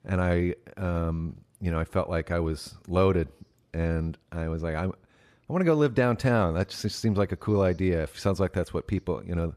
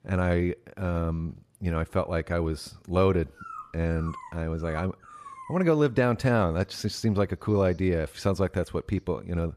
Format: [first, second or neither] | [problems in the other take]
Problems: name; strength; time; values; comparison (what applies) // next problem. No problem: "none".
first | dog barking; faint; from 3.5 to 5.5 s; peak 15 dB below the speech